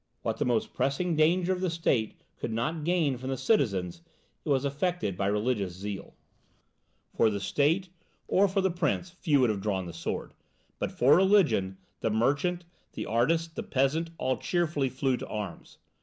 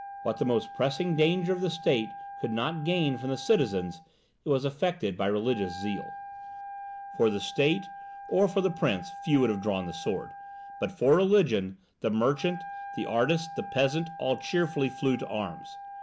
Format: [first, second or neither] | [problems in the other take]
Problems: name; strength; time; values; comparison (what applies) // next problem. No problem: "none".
first | background sound (Wind instrument, woodwind instrument); 14 dB below the speech